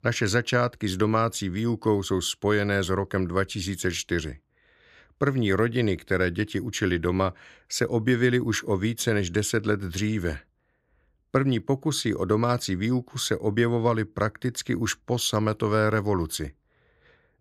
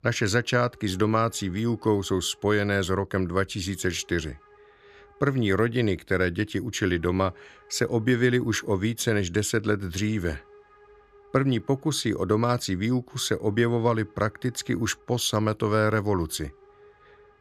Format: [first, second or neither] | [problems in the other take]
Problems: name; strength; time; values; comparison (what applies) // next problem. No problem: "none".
first | hiss; faint; throughout; 30 dB below the speech